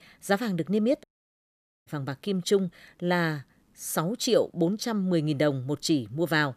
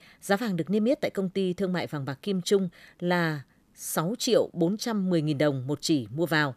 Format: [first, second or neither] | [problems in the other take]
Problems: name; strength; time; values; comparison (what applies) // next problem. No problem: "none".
second | audio cutting out; at 1 s for 1 s